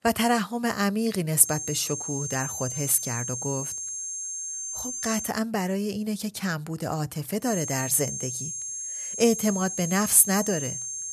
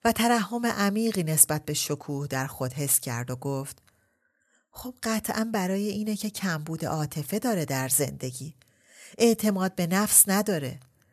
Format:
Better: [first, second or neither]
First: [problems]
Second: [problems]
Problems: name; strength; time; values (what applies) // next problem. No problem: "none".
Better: second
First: high-pitched whine; loud; from 1.5 to 5.5 s and from 7.5 s on; 6.5 kHz, 6 dB below the speech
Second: none